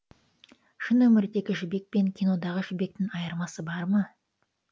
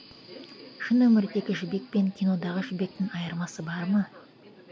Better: first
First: none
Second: background sound (Subway, metro, underground); 19 dB below the speech

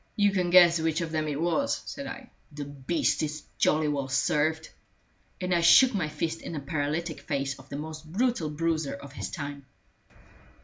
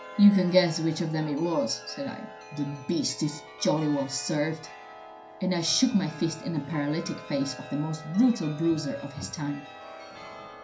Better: first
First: none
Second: background sound (Chime); 16 dB below the speech // room echo; dies away in 0.3 s

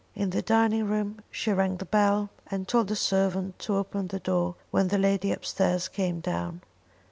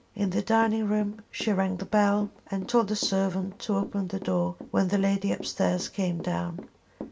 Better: first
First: none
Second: background sound (Walk, footsteps / Run); 18 dB below the speech // room echo; dies away in 0.2 s

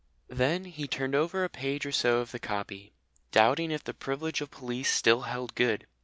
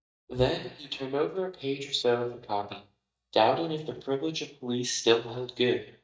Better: first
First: none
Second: noise reduction (neural mask model DeepFilterNet 3)

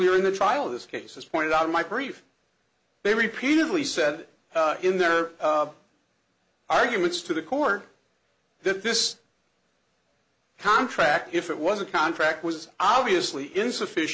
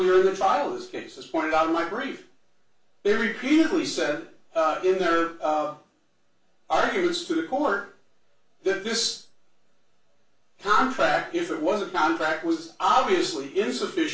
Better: first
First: none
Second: room echo; dies away in 0.3 s

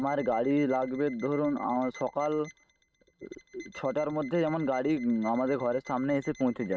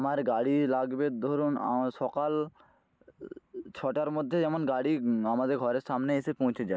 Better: second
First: noise reduction (neural mask model RNNoise)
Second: none

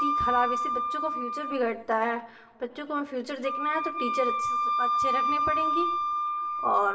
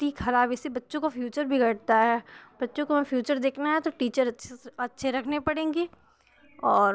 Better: second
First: background sound (Wind instrument, woodwind instrument); 2 dB above the speech // room echo; dies away in 1.4 s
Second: none

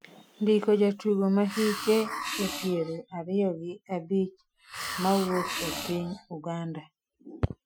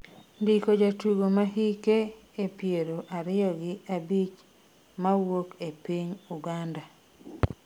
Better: second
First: noise reduction (classical method Wiener filter)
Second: none

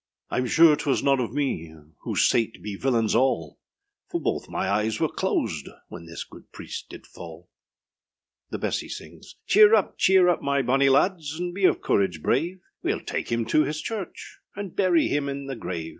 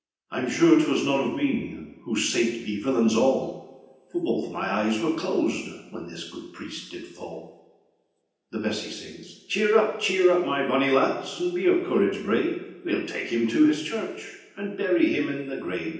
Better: first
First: none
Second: room echo; dies away in 0.9 s

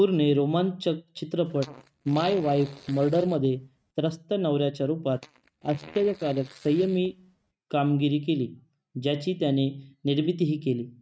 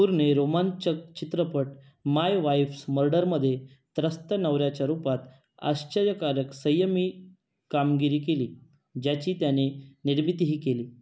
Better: second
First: noise reduction (neural mask model RNNoise)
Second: none

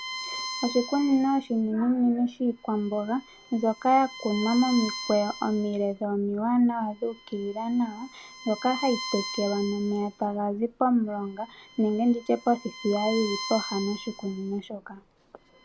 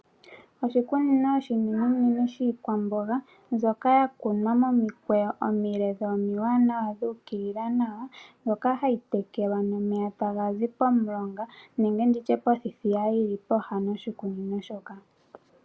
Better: second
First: background sound (Bowed string instrument); 13 dB below the speech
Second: none

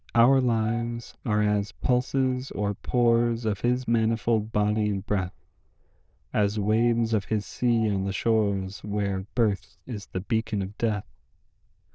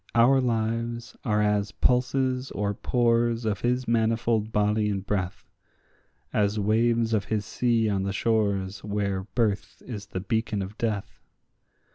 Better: second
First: noise reduction (neural diffusion model UNIVERSE++)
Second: none

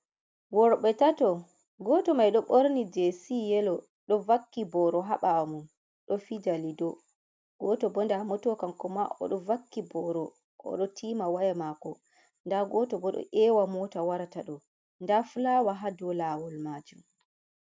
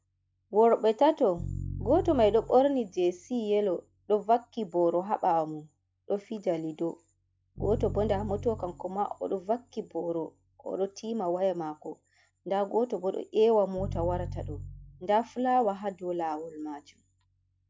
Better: first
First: none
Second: noise reduction (classical method log-MMSE)

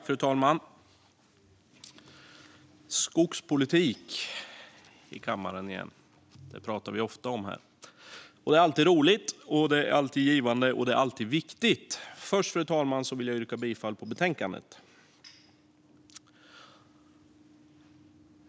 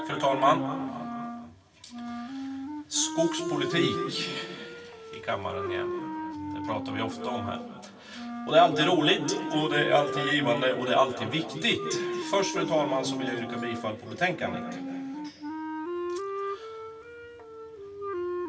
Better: first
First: none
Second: background sound (Wind instrument, woodwind instrument); 6 dB below the speech // room echo; dies away in 2.6 s

